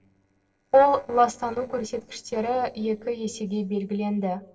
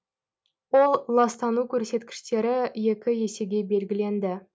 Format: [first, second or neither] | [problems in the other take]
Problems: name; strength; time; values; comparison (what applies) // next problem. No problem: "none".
second | noise reduction (neural separator model SepFormer DNS4)